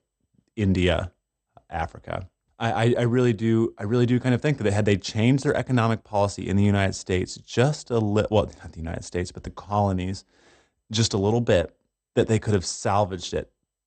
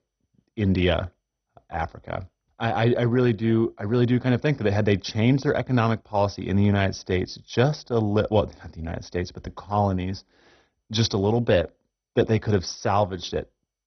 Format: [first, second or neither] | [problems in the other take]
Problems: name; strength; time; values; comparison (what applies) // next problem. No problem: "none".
first | garbled, watery; badly; nothing above 6 kHz; slightly in the first